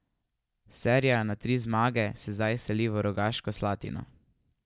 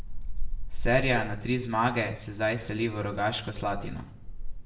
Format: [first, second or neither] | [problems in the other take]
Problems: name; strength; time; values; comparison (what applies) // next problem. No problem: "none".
first | background sound (Wind); 2 dB below the speech // room echo; dies away in 0.5 s